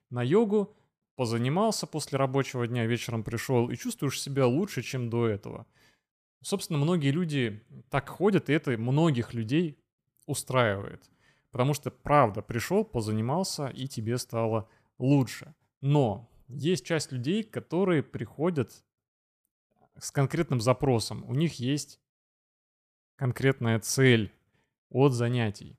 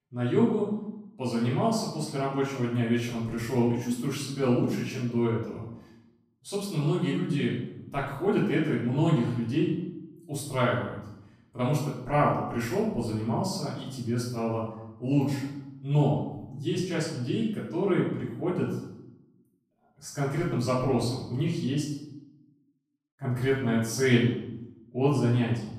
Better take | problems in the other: first | room echo; noticeable; dies away in 0.7 s // off-mic speech; far

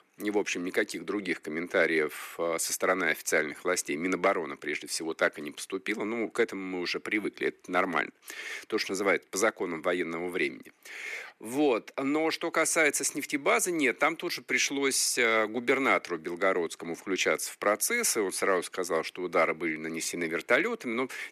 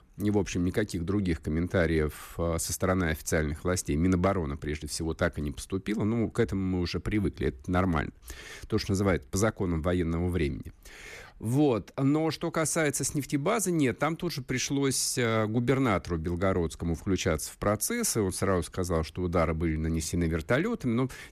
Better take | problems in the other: second | thin; somewhat; fading below 300 Hz

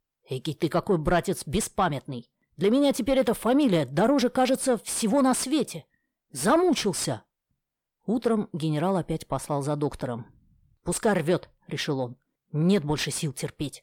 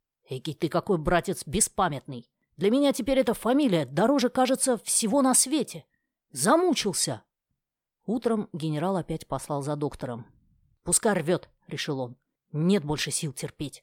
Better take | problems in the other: second | distortion; slight; 10 dB below the speech

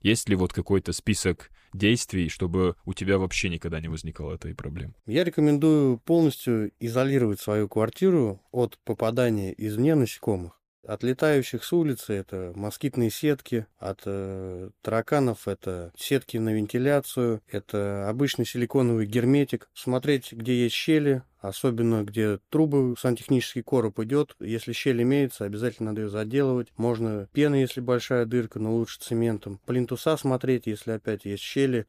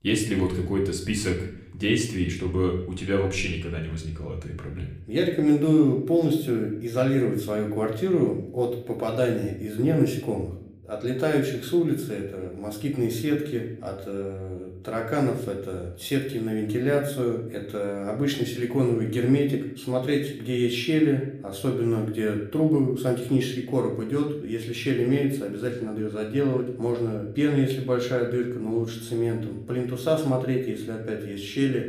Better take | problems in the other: first | room echo; slight; dies away in 0.6 s // off-mic speech; somewhat distant

